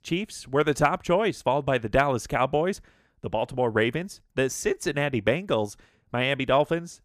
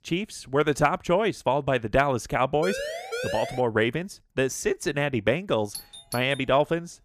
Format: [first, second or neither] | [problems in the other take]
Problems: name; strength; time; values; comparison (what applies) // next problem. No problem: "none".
first | siren; noticeable; at 2.5 s; peak 5 dB below the speech // doorbell; faint; at 5.5 s; peak 10 dB below the speech